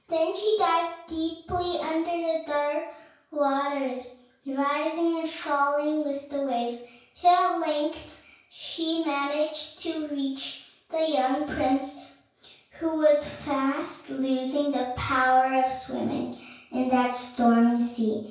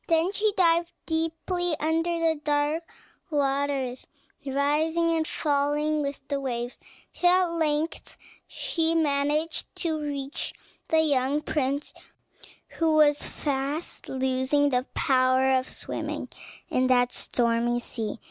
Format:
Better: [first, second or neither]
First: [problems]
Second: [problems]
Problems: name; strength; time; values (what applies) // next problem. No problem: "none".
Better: second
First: room echo; dies away in 0.5 s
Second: none